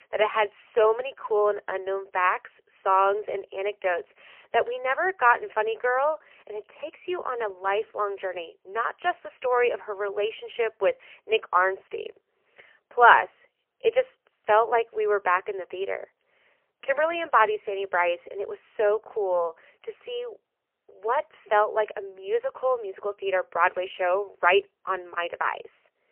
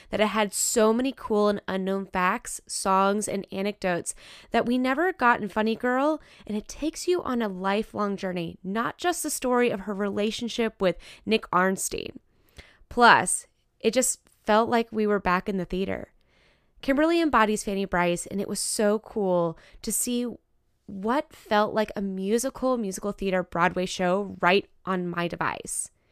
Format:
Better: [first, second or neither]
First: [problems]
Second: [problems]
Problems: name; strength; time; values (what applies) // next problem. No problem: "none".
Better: second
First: phone-call audio; poor line; nothing above 3 kHz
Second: none